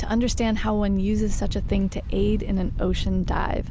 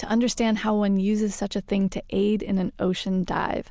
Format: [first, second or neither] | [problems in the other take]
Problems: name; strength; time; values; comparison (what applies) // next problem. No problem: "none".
second | background sound (Wind); 2 dB below the speech